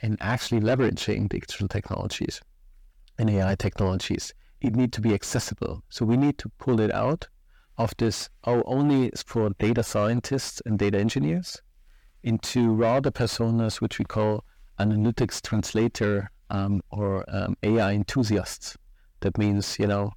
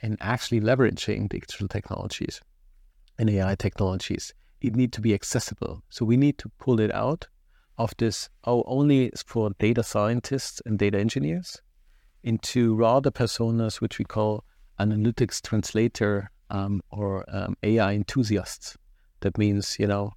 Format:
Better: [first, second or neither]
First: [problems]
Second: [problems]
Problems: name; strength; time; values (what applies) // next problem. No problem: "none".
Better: second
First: distortion; slight; 10 dB below the speech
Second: none